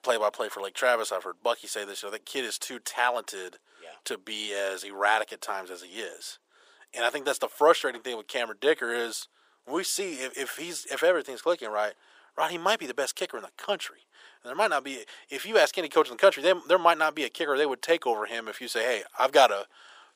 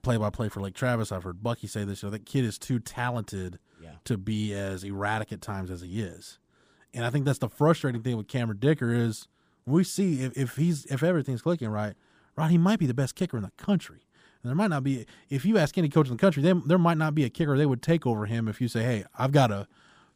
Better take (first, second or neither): second